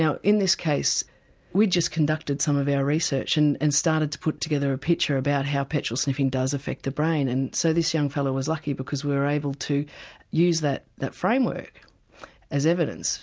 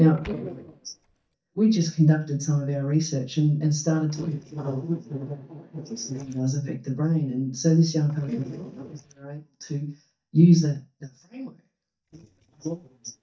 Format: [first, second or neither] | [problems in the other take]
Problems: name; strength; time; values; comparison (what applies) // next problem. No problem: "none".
first | noise reduction (neural mask model DeepFilterNet 3)